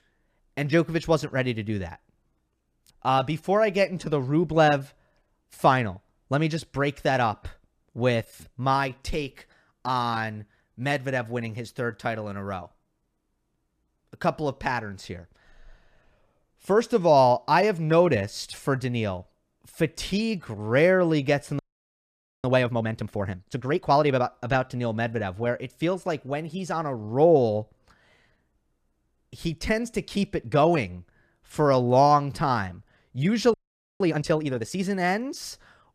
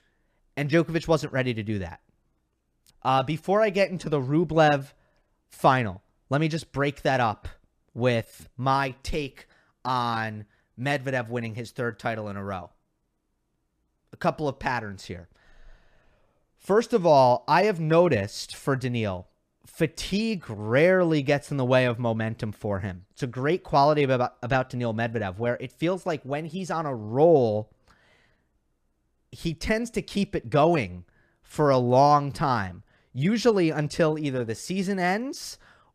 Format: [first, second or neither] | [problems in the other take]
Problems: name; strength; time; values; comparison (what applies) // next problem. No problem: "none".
second | audio freezing; at 22 s for 1 s and at 34 s